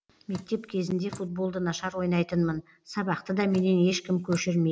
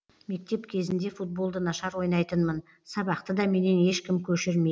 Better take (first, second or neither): second